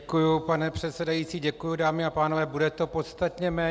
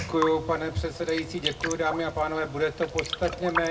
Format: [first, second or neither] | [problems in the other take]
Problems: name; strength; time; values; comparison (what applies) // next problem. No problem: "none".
first | background sound (Raindrop); 7 dB below the speech // room echo; dies away in 0.2 s